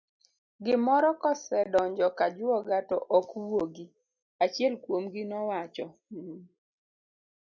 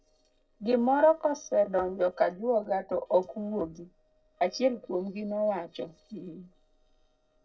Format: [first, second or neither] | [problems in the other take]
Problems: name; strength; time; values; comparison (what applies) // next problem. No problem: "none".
first | noise reduction (neural separator model SepFormer DNS4)